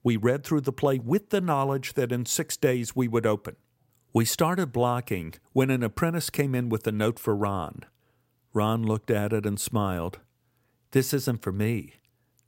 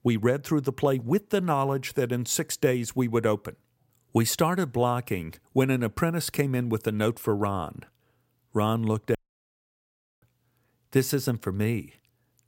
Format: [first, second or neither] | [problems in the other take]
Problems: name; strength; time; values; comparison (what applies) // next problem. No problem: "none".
first | audio cutting out; at 9 s for 1 s